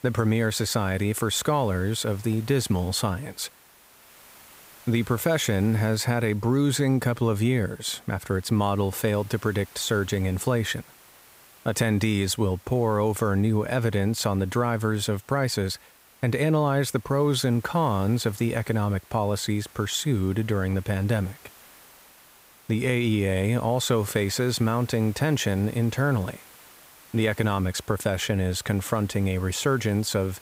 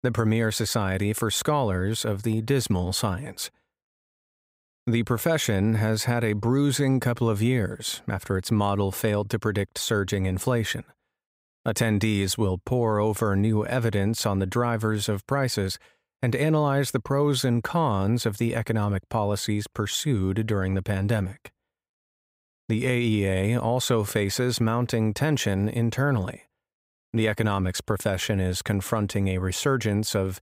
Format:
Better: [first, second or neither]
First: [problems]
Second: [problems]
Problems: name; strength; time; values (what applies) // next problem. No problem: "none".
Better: second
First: hiss; faint; throughout; 25 dB below the speech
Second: none